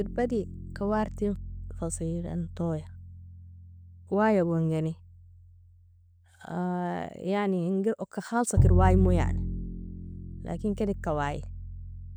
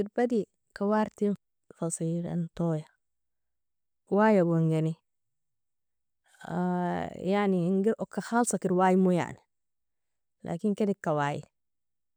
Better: second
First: background sound (Bowed string instrument); 2 dB below the speech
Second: none

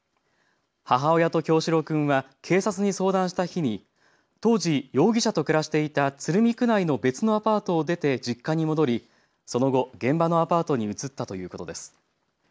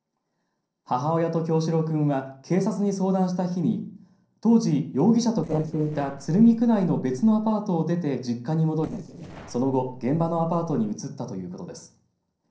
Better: first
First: none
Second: noise reduction (neural separator model SepFormer DNS4)

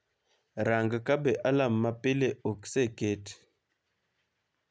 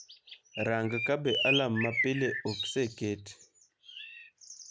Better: first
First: none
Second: background sound (Bird); 3 dB below the speech

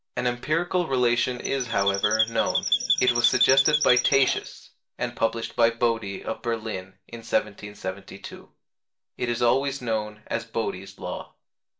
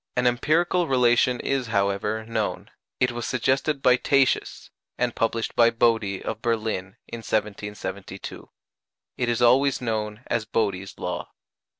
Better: second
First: background sound (Chirp, tweet); 1 dB above the speech // room echo; dies away in 0.3 s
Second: none

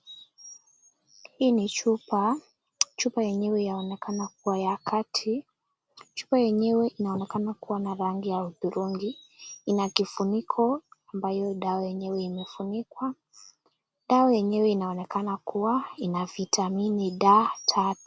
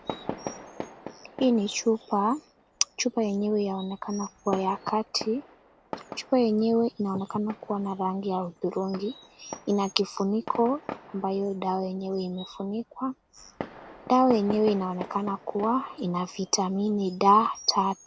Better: first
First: none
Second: background sound (Fireworks); 15 dB below the speech

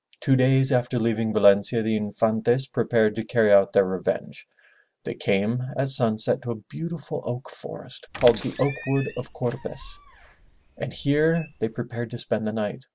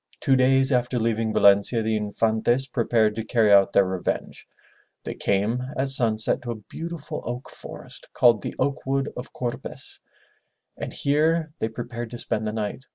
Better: second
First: background sound (Squeak); 16 dB below the speech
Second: none

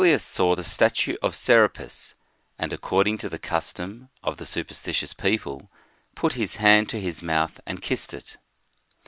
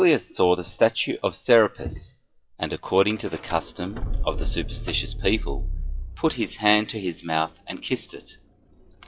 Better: first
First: none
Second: noise reduction (classical method WPE with log-MMSE)

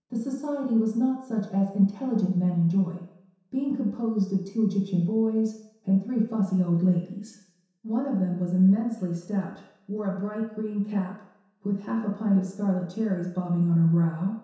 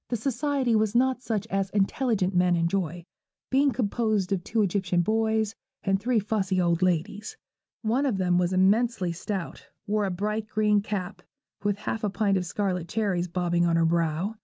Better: second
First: room echo; dies away in 0.7 s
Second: none

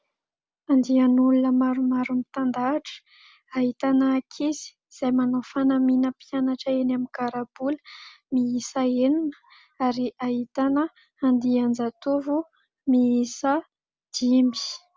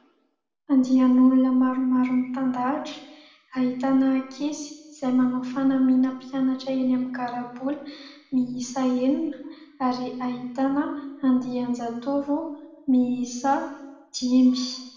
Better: first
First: none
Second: room echo; dies away in 0.9 s

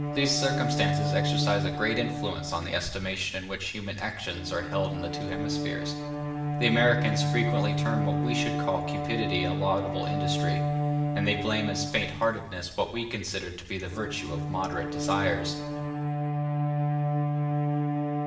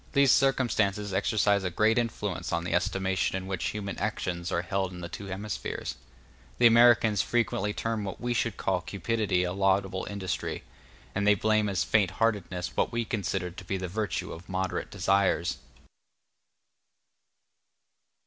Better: second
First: background sound (Bowed string instrument); 1 dB above the speech // room echo; dies away in 1.4 s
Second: none

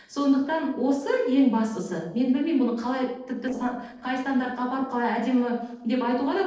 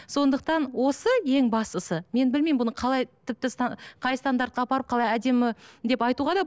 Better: second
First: noise reduction (neural separator model SepFormer DNS4)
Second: none

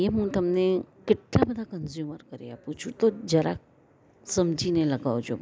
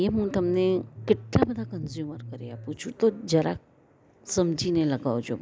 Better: first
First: none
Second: background sound (Bass guitar); 14 dB below the speech

